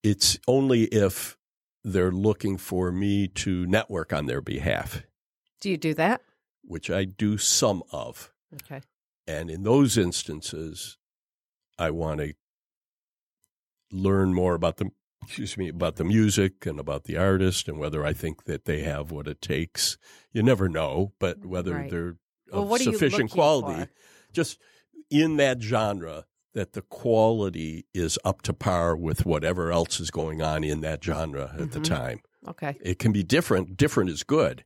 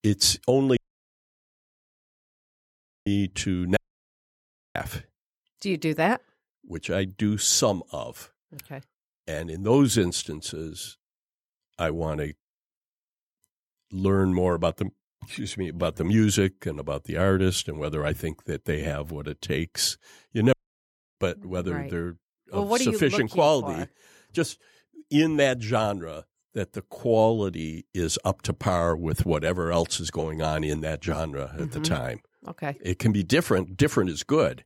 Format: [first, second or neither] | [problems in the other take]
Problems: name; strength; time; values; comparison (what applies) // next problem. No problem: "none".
first | audio cutting out; at 1 s for 2.5 s, at 4 s for 1 s and at 21 s for 0.5 s